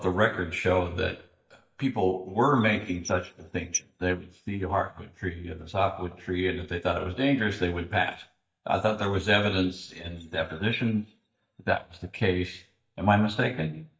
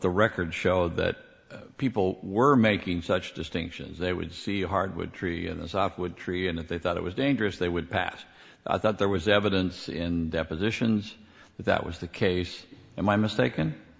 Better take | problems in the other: second | noise reduction (neural mask model DeepFilterNet 3)

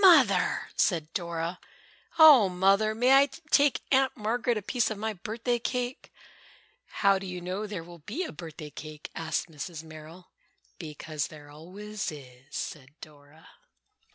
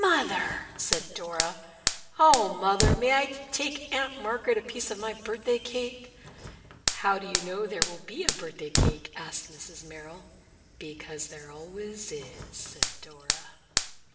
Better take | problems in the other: first | background sound (Fire); 3 dB below the speech // room echo; dies away in 1.9 s

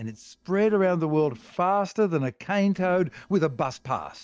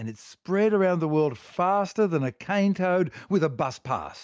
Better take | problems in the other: second | noise reduction (neural separator model SepFormer DNS4)

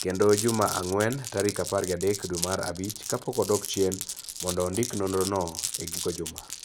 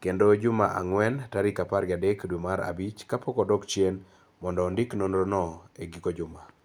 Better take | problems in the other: second | background sound (Glass); 8 dB below the speech

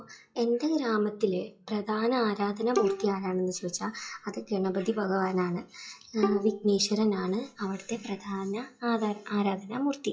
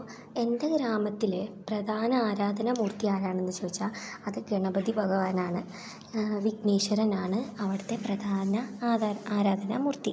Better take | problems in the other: second | noise reduction (classical method WPE with log-MMSE)

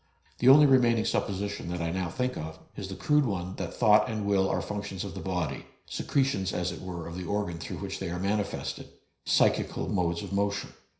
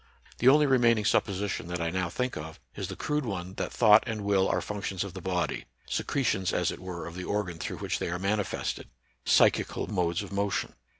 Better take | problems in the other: second | noise reduction (neural separator model SepFormer DNS4)

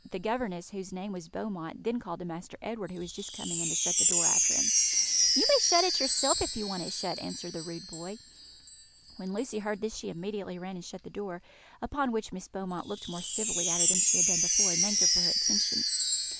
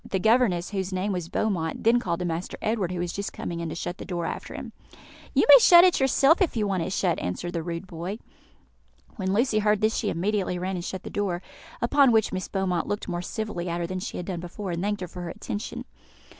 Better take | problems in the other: second | background sound (Wind chime); 5 dB above the speech

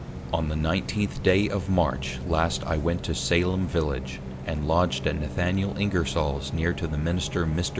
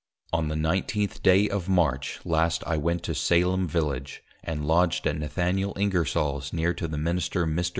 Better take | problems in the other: second | background sound (Bus); 9 dB below the speech

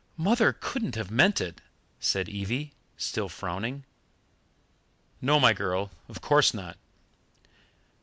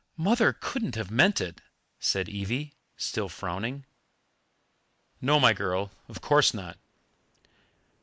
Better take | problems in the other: first | noise reduction (neural mask model Resemble Enhance denoiser)

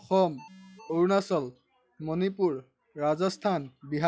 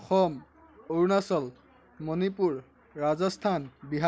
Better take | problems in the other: second | noise reduction (classical method log-MMSE)

